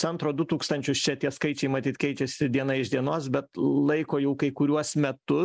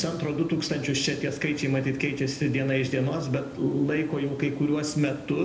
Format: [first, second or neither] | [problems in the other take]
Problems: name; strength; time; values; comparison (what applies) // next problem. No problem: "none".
first | background sound (Water); 18 dB below the speech // room echo; dies away in 0.7 s